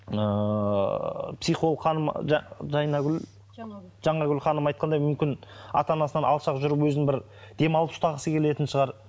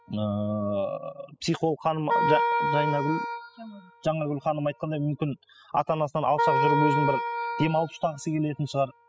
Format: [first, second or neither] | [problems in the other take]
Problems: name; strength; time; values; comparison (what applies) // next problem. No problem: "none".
first | noise reduction (classical method spectral subtraction)